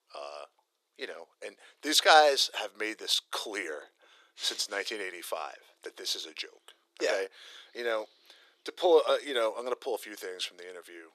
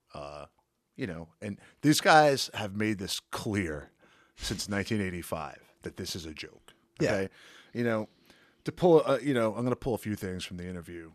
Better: second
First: thin; very; fading below 400 Hz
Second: none

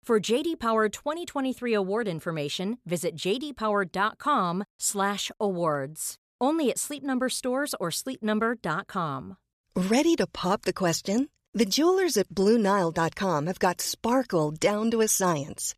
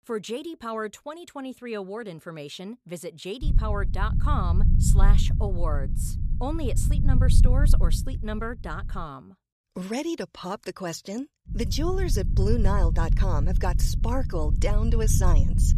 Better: first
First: none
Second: low rumble; loud; from 3.5 to 9 s and from 11 s on; 8 dB below the speech

